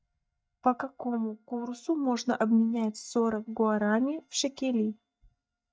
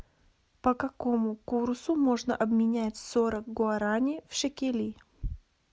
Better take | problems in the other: second | noise reduction (neural mask model DeepFilterNet 3)

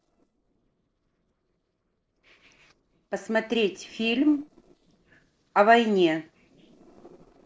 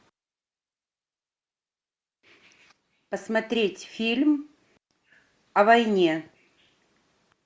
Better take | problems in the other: second | noise reduction (neural separator model SepFormer DNS4)

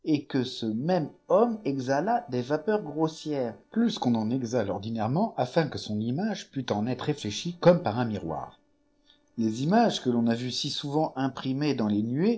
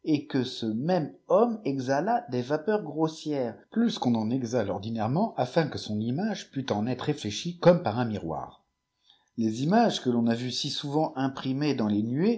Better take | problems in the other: second | noise reduction (neural separator model SepFormer DNS4)

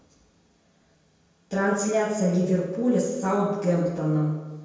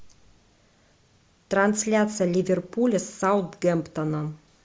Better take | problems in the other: second | room echo; dies away in 1.1 s

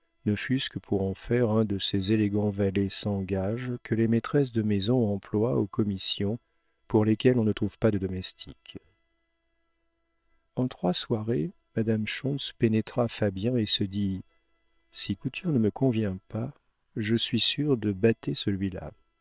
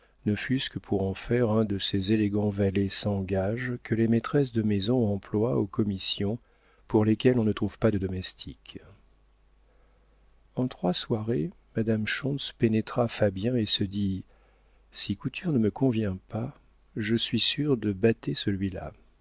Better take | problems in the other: second | noise reduction (neural separator model SepFormer WHAM!)

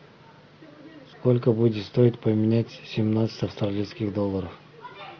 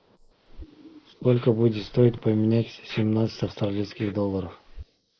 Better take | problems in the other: first | noise reduction (neural mask model Resemble Enhance denoiser)

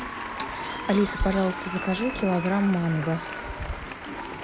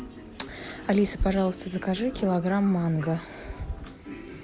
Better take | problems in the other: second | background sound (Applause); 8 dB below the speech

